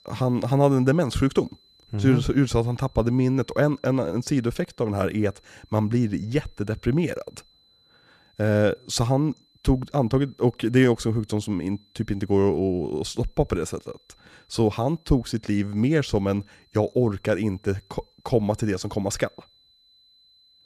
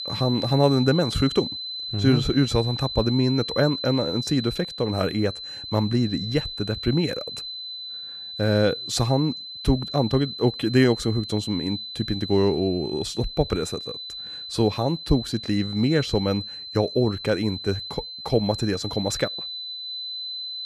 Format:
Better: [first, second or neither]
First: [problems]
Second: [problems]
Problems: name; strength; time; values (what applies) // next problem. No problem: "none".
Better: first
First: high-pitched whine; faint; throughout; 4 kHz, 35 dB below the speech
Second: high-pitched whine; loud; throughout; 4 kHz, 8 dB below the speech